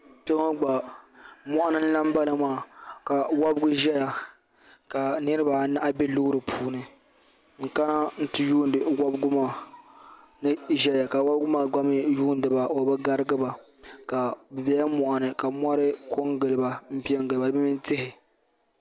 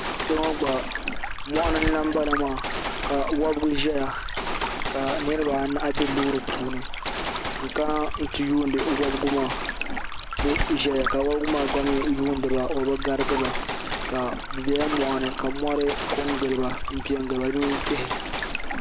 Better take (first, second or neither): first